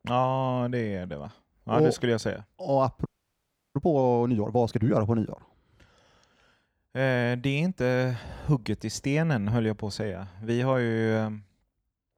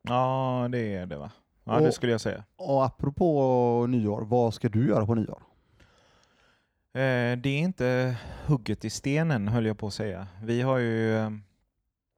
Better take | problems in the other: second | audio freezing; at 3 s for 0.5 s

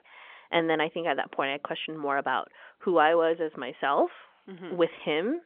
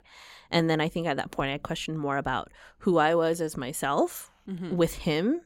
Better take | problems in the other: second | phone-call audio; nothing above 3.5 kHz

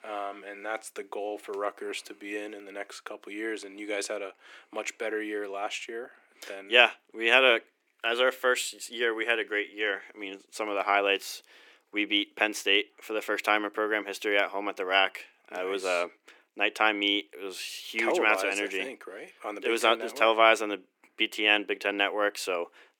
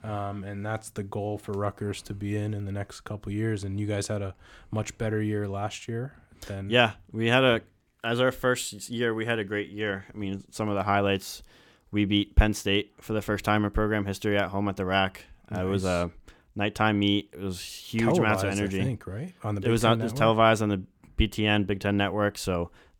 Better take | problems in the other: second | thin; very; fading below 350 Hz

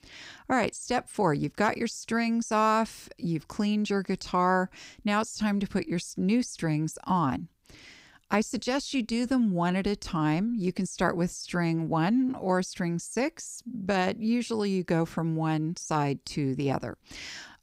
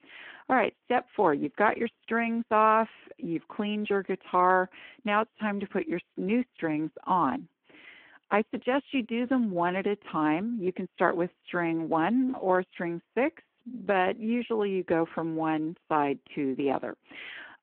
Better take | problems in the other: first | phone-call audio

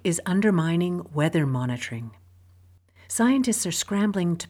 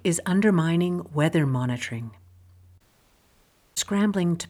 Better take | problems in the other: first | audio cutting out; at 3 s for 1 s

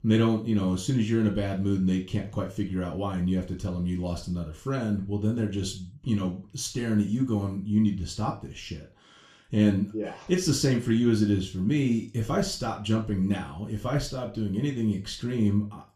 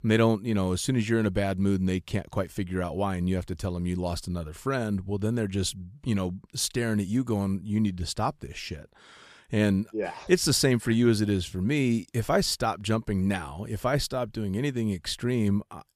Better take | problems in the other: second | room echo; slight; dies away in 0.3 s // off-mic speech; somewhat distant

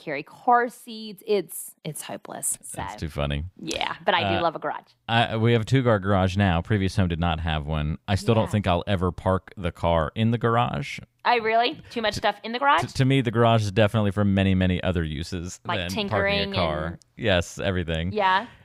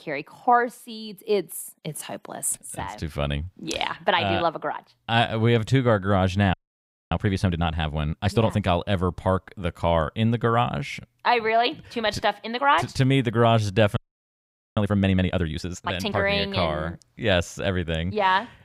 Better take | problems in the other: first | audio freezing; at 6.5 s for 0.5 s and at 14 s for 1 s

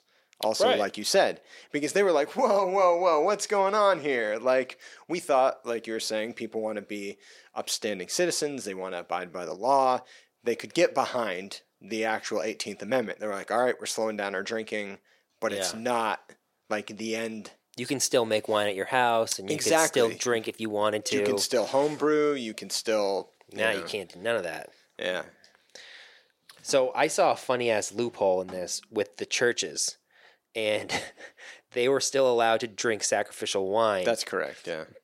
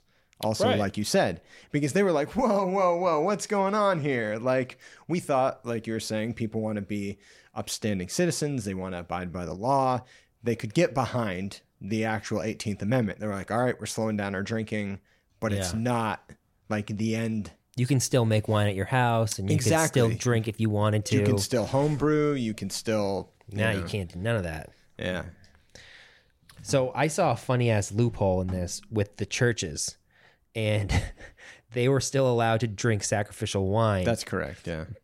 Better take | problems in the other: second | thin; somewhat; fading below 400 Hz

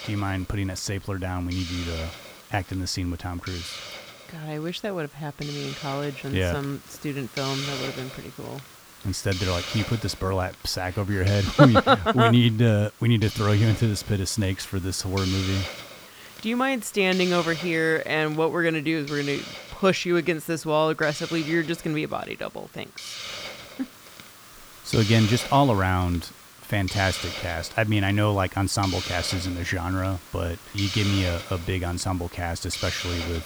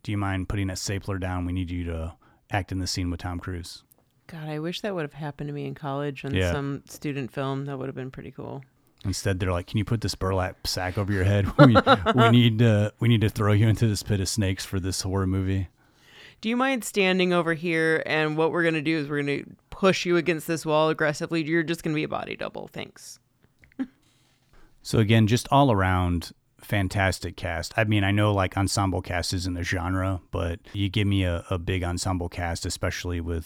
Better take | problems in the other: second | hiss; noticeable; throughout; 10 dB below the speech

